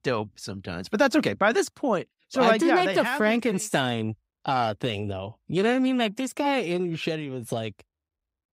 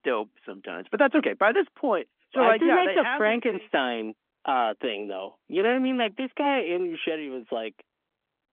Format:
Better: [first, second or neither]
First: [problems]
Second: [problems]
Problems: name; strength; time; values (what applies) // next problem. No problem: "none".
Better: first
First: none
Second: phone-call audio; nothing above 3.5 kHz